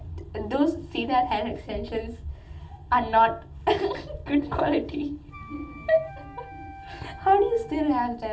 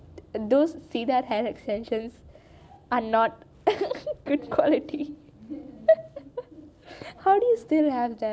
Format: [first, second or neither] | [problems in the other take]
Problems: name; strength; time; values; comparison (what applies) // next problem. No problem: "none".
second | background sound (Wind instrument, woodwind instrument); 19 dB below the speech // room echo; dies away in 0.2 s